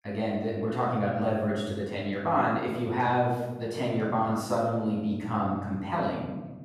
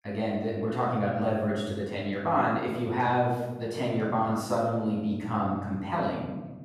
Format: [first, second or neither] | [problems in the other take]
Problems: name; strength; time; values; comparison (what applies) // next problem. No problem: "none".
neither | room echo; noticeable; dies away in 1.2 s; the same in both // off-mic speech; far; the same in both